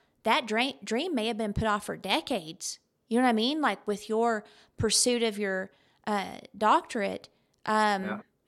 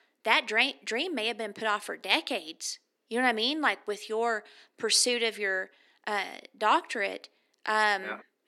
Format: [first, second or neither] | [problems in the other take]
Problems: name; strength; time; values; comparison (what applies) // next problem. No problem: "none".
first | thin; very slightly; fading below 300 Hz